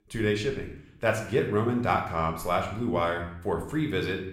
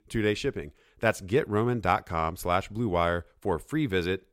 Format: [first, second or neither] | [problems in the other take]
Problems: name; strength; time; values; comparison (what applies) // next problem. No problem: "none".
second | room echo; slight; dies away in 0.6 s